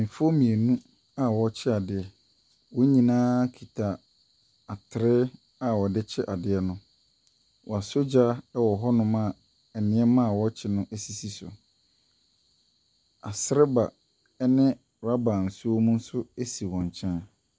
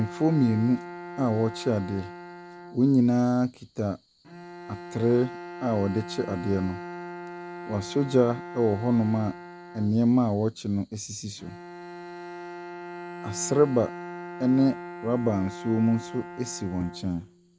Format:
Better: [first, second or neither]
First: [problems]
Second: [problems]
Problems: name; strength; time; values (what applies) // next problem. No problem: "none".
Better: first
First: none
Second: background sound (Bowed string instrument); 13 dB below the speech